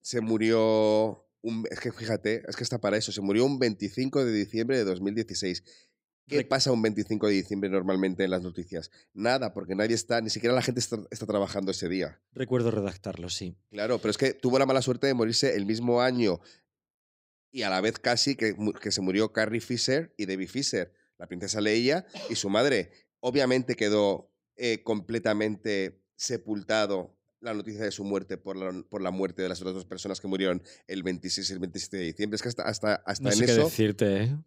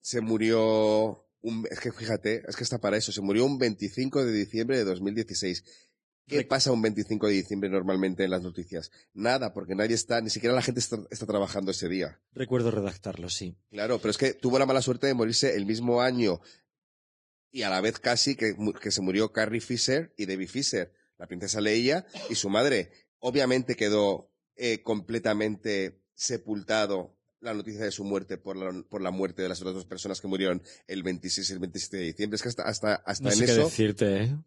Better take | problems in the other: first | garbled, watery; badly

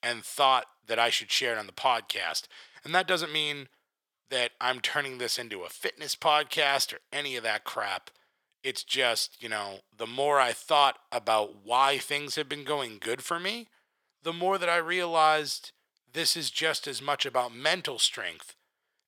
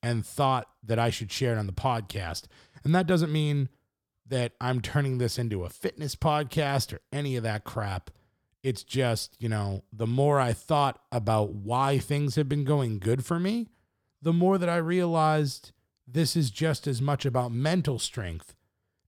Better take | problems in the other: second | thin; very; fading below 600 Hz

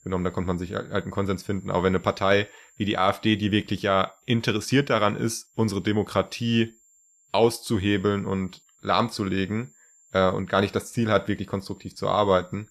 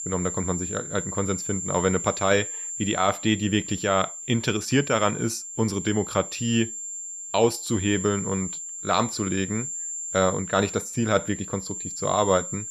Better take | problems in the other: first | high-pitched whine; loud; throughout; 7.5 kHz, 6 dB below the speech; faint in the first

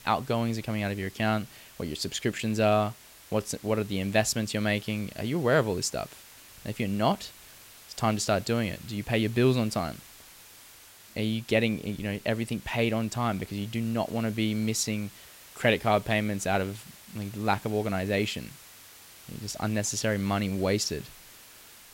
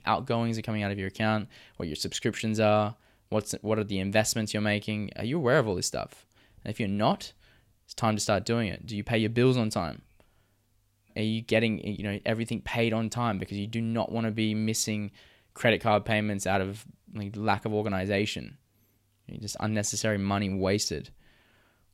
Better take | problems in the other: second | hiss; noticeable; throughout; 20 dB below the speech

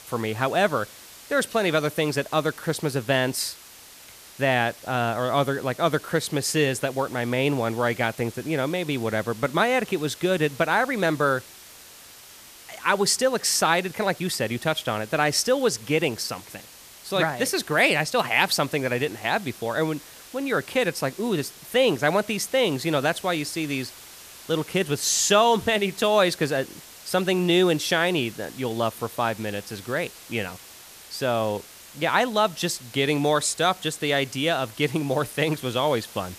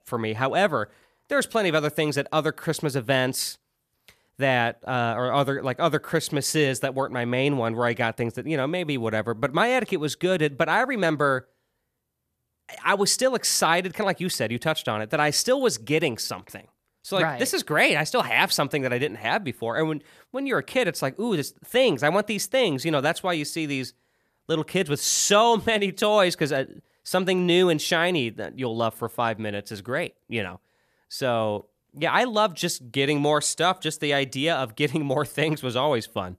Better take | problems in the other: second | hiss; noticeable; throughout; 20 dB below the speech

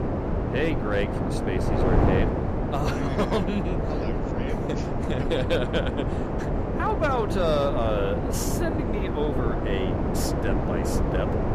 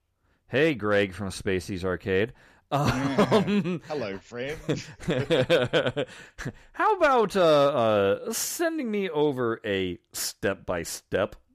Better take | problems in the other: second | wind noise on the microphone; heavy; 1 dB below the speech

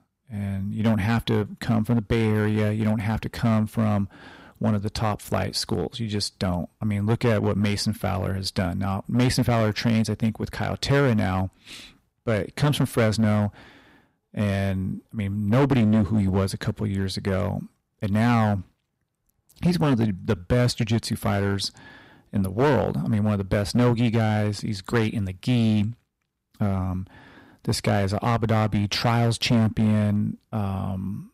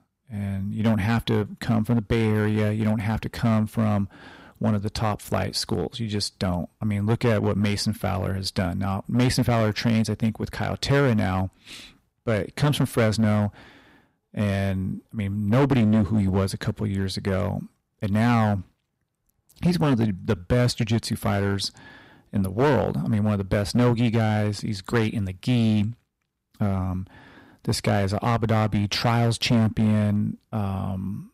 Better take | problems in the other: neither | distortion; slight; 6% of the sound clipped; the same in both

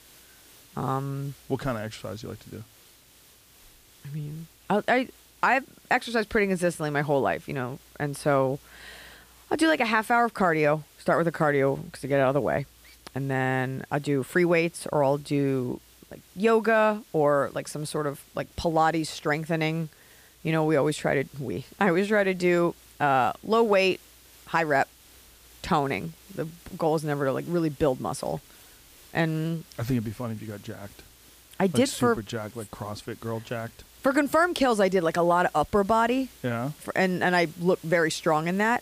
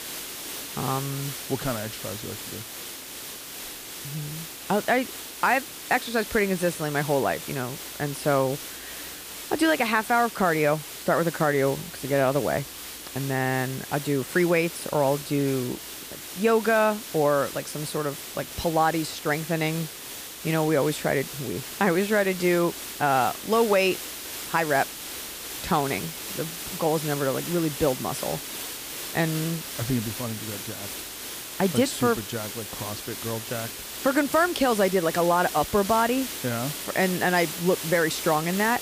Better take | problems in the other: first | hiss; loud; throughout; 9 dB below the speech; faint in the first

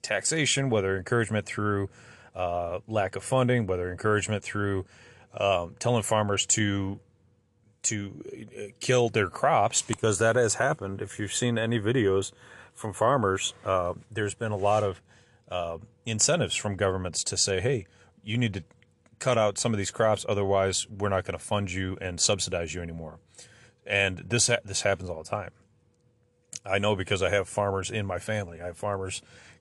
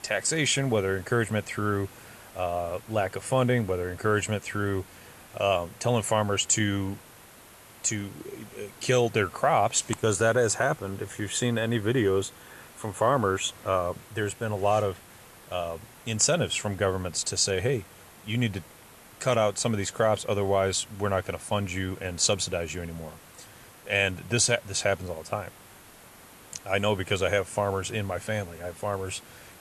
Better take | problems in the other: first | hiss; faint; throughout; 20 dB below the speech

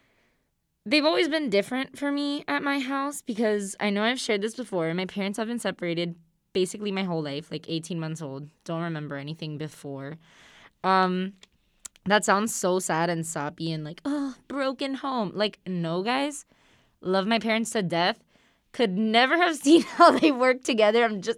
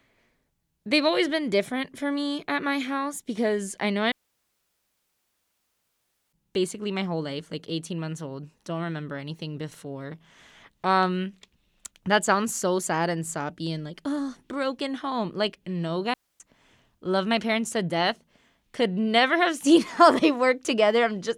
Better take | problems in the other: first | audio cutting out; at 4 s for 2 s and at 16 s

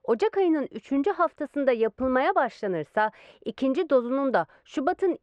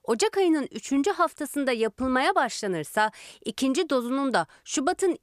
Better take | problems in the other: second | muffled; very; fading above 2 kHz

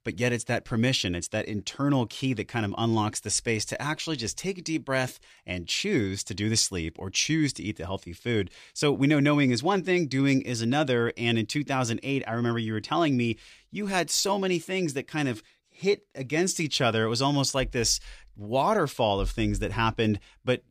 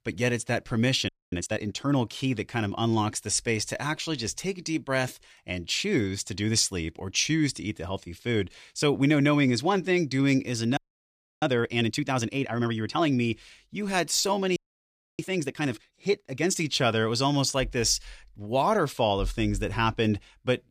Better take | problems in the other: first | audio freezing; at 1 s, at 11 s for 0.5 s and at 15 s for 0.5 s

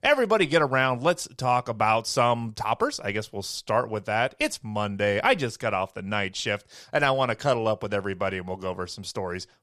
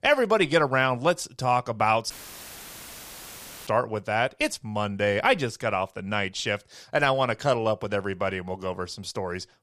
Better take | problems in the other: first | audio cutting out; filled with static; at 2 s for 1.5 s

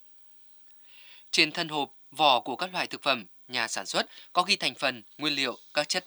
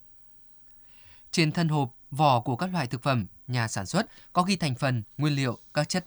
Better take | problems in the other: second | thin; somewhat; fading below 300 Hz

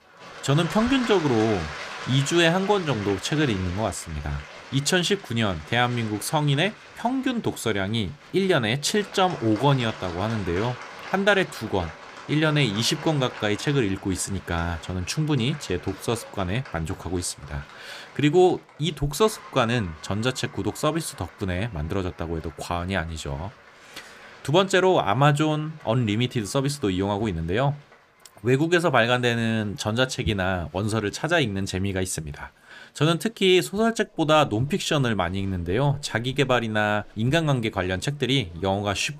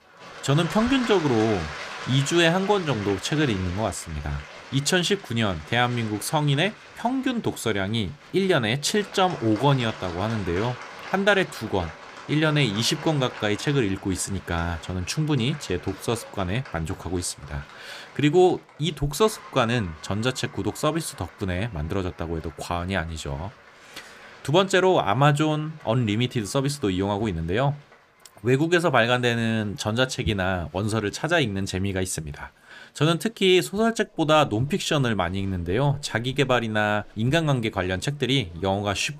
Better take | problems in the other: neither | crowd noise; noticeable; throughout; 15 dB below the speech; the same in both

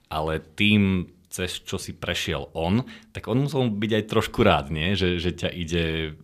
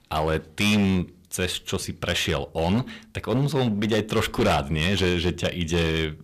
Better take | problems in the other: first | distortion; heavy; 12% of the sound clipped

